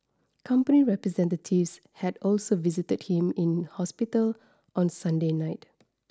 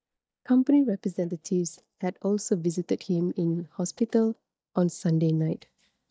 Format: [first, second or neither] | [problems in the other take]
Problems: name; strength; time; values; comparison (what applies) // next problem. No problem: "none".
first | noise reduction (neural mask model DeepFilterNet 3)